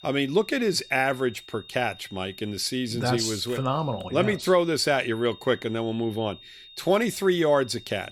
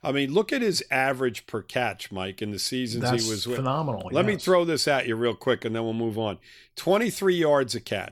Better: second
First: high-pitched whine; faint; throughout; 3.5 kHz, 20 dB below the speech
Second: none

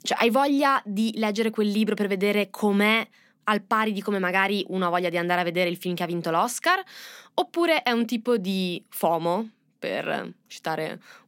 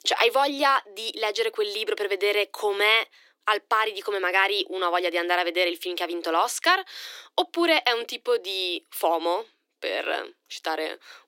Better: first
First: none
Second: thin; very; fading below 300 Hz

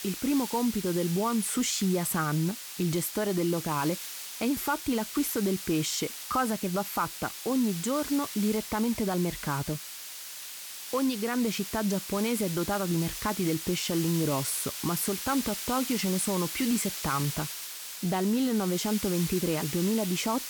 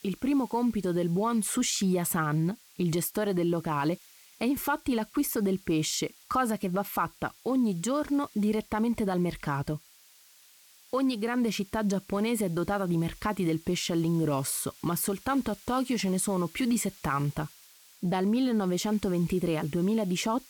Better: second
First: hiss; loud; throughout; 6 dB below the speech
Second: hiss; faint; throughout; 25 dB below the speech

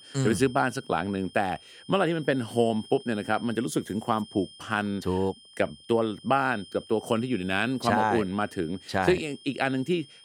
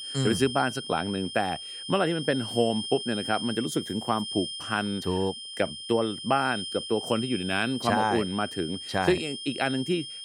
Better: first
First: high-pitched whine; faint; throughout; 3 kHz, 20 dB below the speech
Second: high-pitched whine; loud; throughout; 3 kHz, 7 dB below the speech

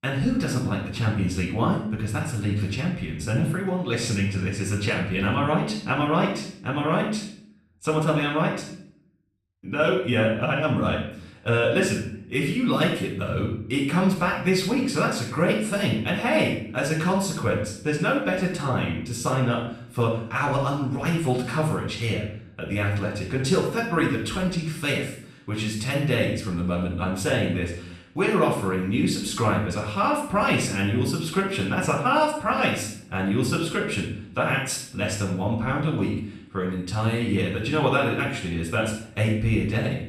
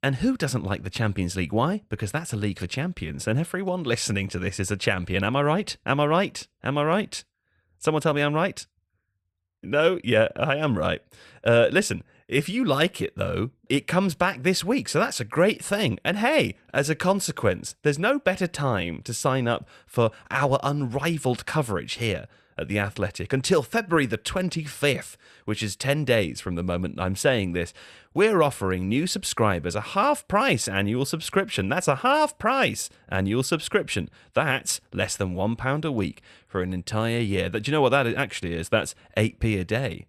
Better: second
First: off-mic speech; far // room echo; noticeable; dies away in 0.5 s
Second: none

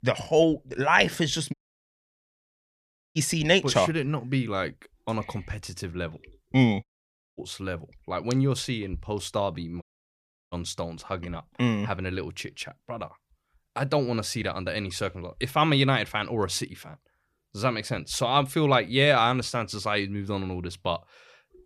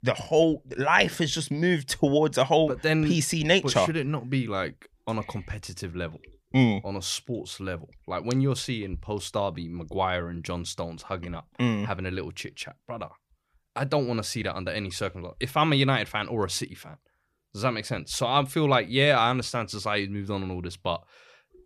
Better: second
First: audio cutting out; at 1.5 s for 1.5 s, at 7 s for 0.5 s and at 10 s for 0.5 s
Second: none

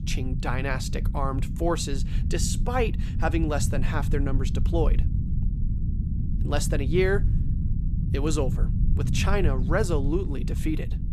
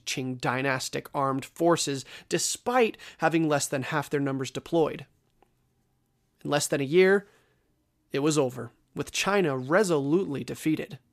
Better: second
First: low rumble; noticeable; throughout; 10 dB below the speech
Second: none

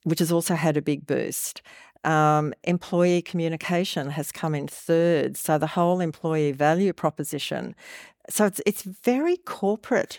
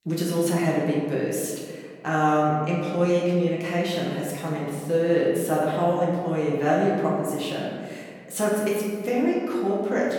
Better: first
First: none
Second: room echo; noticeable; dies away in 1.6 s // off-mic speech; far

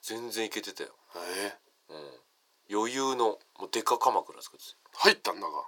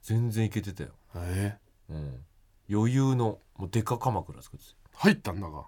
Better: second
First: thin; very; fading below 400 Hz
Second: none

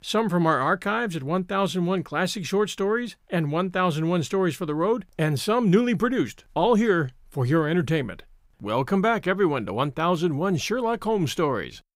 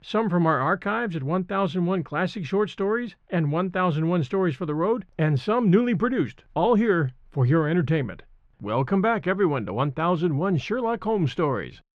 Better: first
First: none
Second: muffled; slightly; fading above 2.5 kHz

